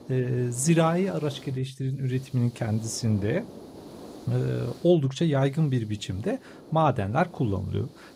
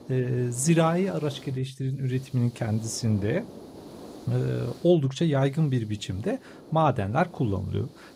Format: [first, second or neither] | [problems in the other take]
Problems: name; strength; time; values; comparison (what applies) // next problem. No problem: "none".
neither | hiss; faint; throughout; 20 dB below the speech; the same in both